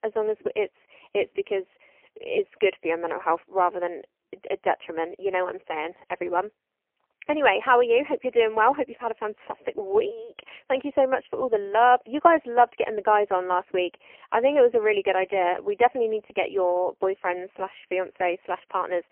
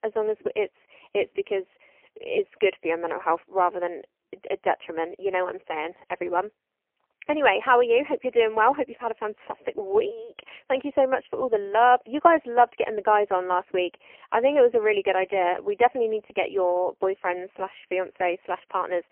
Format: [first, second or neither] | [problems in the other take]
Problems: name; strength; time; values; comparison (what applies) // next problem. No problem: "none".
neither | phone-call audio; poor line; nothing above 3 kHz; the same in both